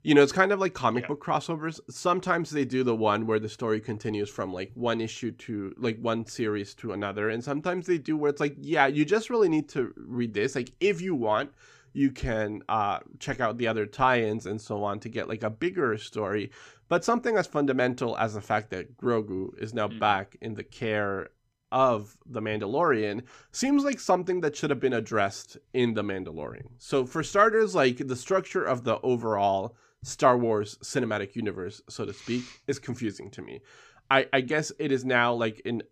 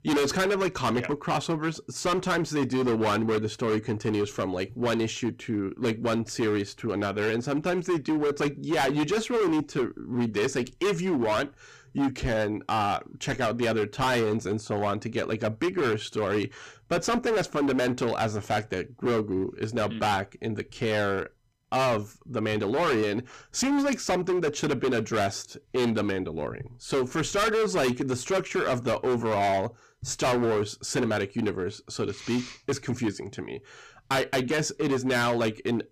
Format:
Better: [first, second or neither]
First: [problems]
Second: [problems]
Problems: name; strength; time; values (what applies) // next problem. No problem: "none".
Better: first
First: none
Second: distortion; heavy; 17% of the sound clipped